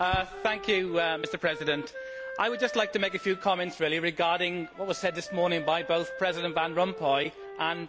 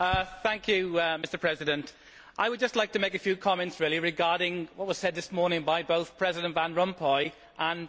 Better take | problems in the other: second | background sound (Wind instrument, woodwind instrument); 12 dB below the speech

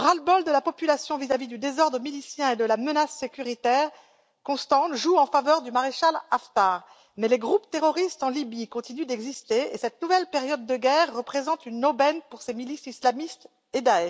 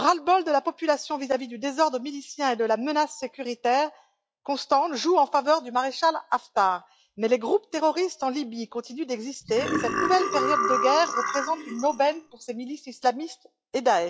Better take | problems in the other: first | noise reduction (classical method log-MMSE)

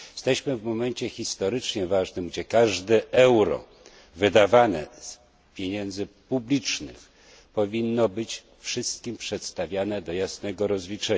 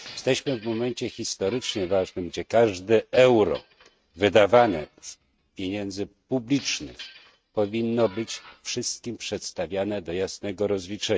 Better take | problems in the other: first | noise reduction (neural mask model RNNoise)

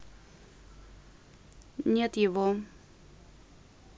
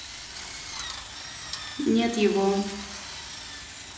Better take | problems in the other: first | background sound (Drill); 10 dB below the speech // room echo; dies away in 1 s

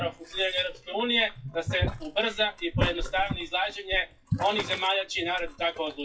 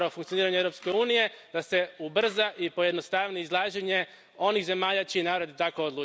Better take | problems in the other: second | noise reduction (classical method WPE with log-MMSE)

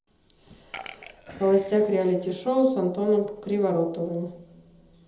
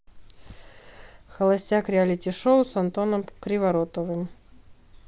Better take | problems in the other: second | background sound (Burping, eructation); 19 dB below the speech // room echo; dies away in 1.2 s

